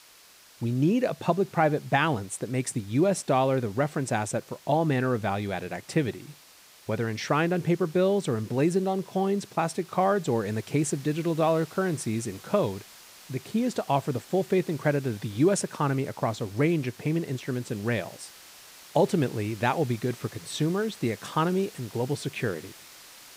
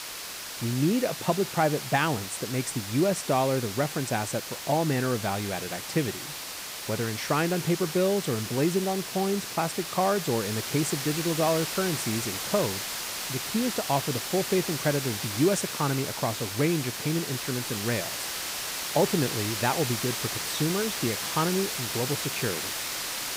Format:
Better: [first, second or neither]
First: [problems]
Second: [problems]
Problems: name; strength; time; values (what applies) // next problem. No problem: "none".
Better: first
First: hiss; faint; throughout; 20 dB below the speech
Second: hiss; loud; throughout; 4 dB below the speech